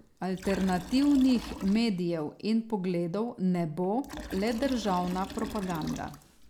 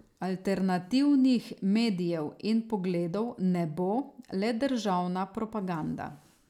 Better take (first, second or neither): second